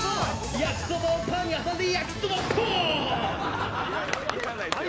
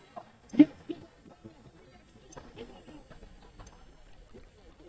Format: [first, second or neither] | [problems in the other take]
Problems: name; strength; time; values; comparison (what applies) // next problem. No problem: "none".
first | noise reduction (neural mask model DeepFilterNet 3)